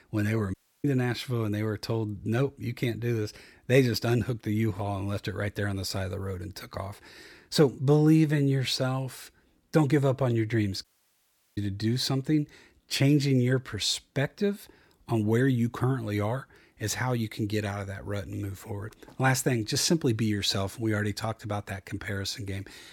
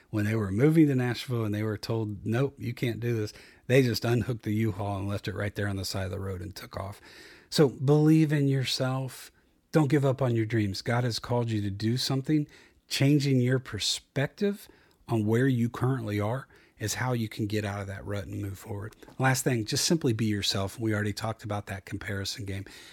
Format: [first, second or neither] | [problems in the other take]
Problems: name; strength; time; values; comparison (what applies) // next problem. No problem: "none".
second | audio cutting out; at 0.5 s and at 11 s for 0.5 s